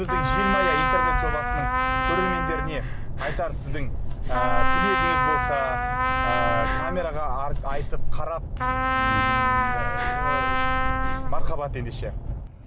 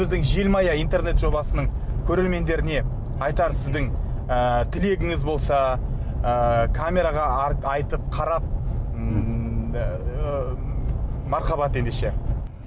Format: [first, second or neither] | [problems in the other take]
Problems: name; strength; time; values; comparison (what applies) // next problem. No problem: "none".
second | background sound (Trumpet + Breathing); 4 dB above the speech